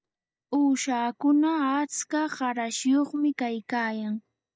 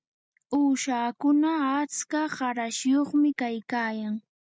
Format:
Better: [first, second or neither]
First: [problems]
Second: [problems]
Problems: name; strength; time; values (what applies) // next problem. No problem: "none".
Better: second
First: noise reduction (neural mask model DeepFilterNet 3)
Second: none